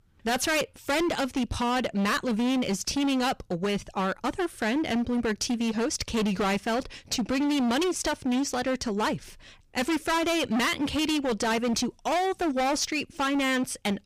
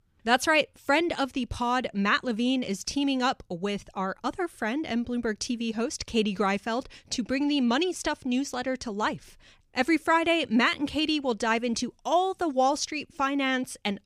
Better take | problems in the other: second | distortion; heavy; 27% of the sound clipped

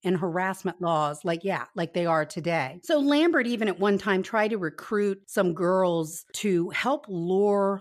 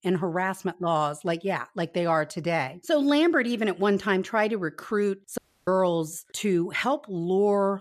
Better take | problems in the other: first | audio cutting out; at 5.5 s

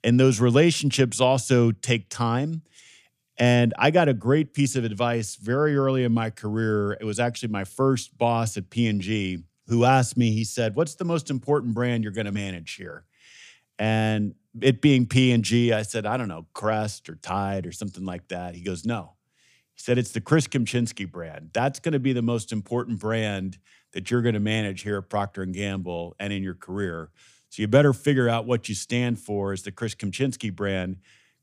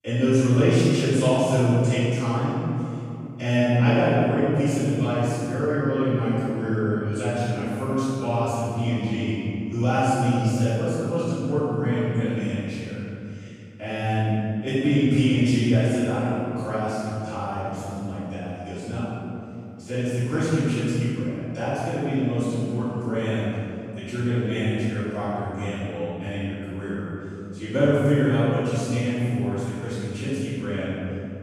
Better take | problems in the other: first | off-mic speech; far // room echo; strong; dies away in 3 s

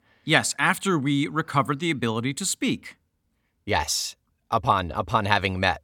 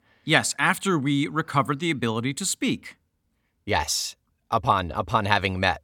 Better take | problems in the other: neither | none

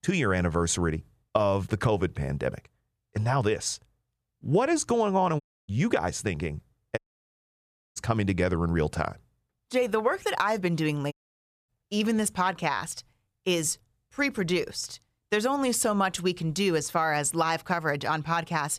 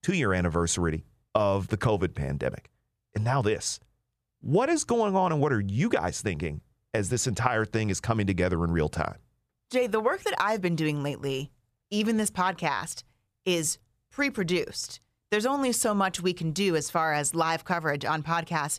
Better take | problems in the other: second | audio cutting out; at 5.5 s, at 7 s for 1 s and at 11 s for 0.5 s

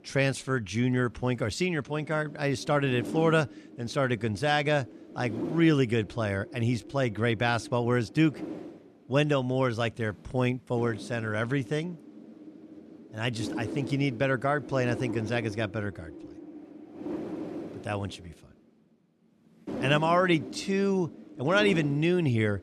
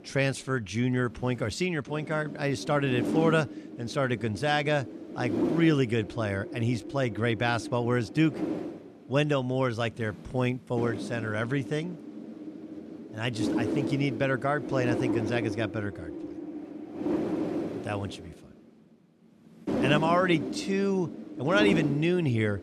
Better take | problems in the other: first | wind noise on the microphone; heavy; 7 dB below the speech; occasional gusts in the first

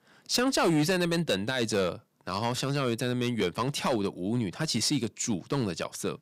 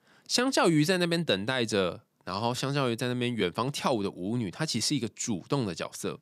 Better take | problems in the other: second | distortion; slight; 5% of the sound clipped

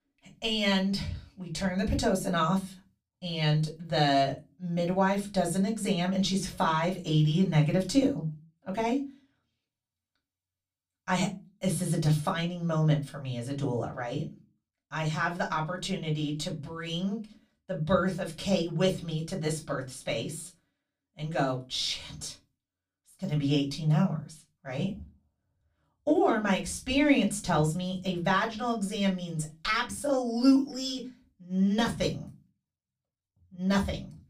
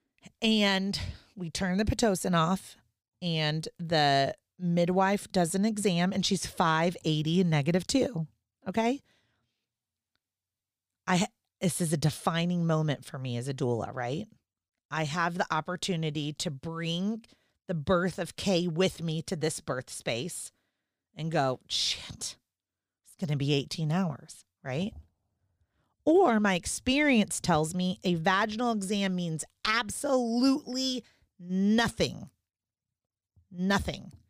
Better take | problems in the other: second | off-mic speech; far // room echo; very slight; dies away in 0.2 s

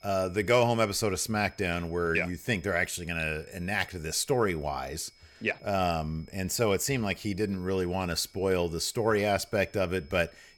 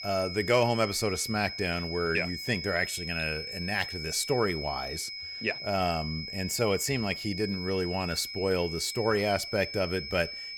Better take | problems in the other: first | high-pitched whine; loud; throughout; 5 kHz, 7 dB below the speech; faint in the first

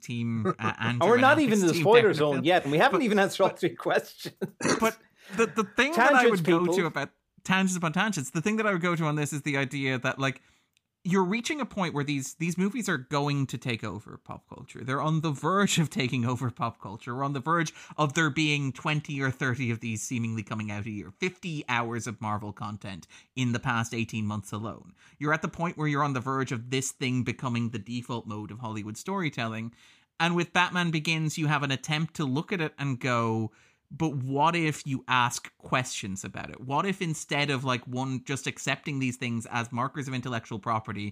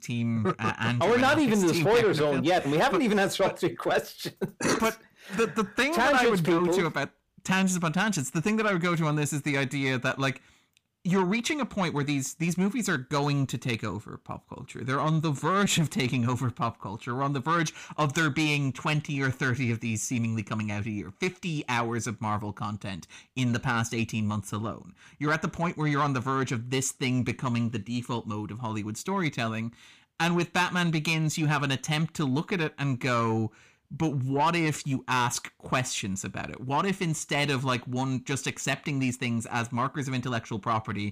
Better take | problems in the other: first | distortion; slight; 10 dB below the speech

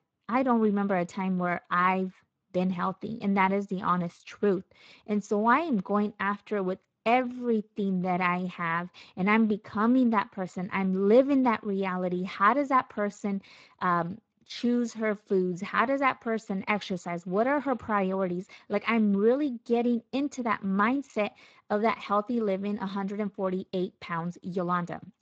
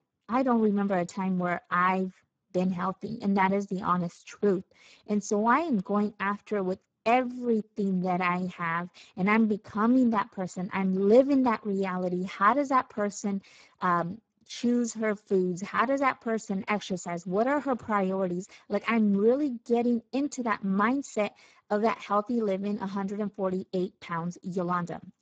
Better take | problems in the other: first | garbled, watery; badly; nothing above 7.5 kHz; slightly in the first

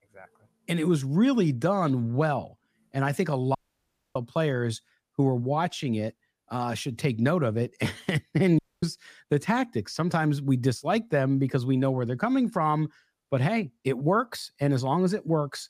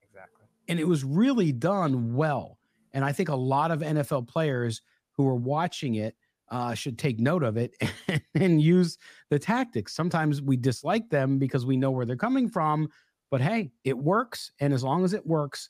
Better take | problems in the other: second | audio cutting out; at 3.5 s for 0.5 s and at 8.5 s

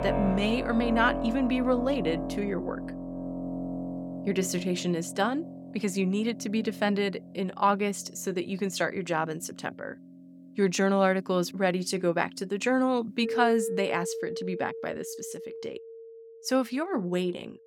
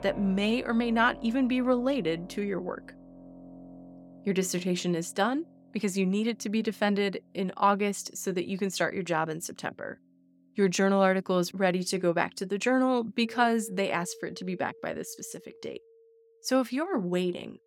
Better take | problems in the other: second | background music; loud; throughout; 7 dB below the speech; faint in the second

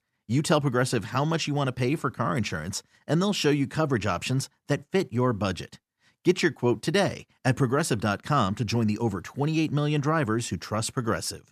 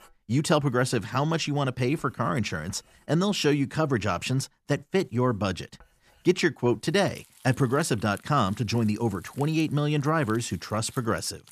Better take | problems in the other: first | household noises; faint; throughout; 25 dB below the speech

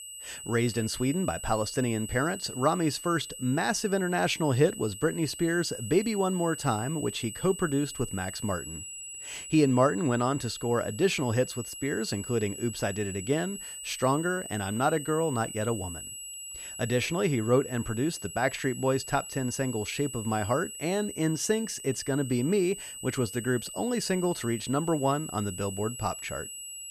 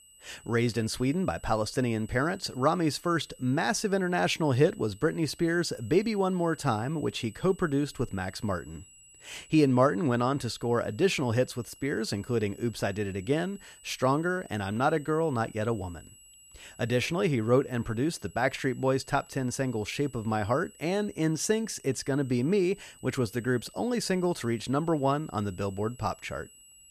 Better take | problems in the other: second | high-pitched whine; loud; throughout; 8 kHz, 10 dB below the speech; faint in the second

